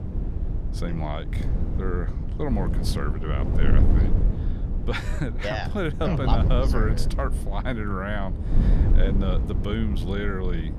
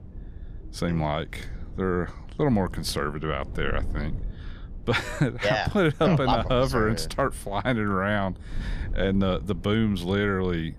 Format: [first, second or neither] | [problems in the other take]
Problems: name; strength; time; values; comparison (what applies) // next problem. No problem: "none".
second | wind noise on the microphone; heavy; 7 dB below the speech; occasional gusts in the second